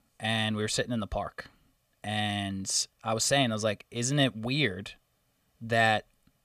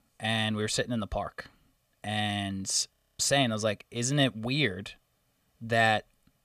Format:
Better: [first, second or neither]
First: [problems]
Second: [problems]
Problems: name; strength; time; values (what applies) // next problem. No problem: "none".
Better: first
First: none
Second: audio freezing; at 3 s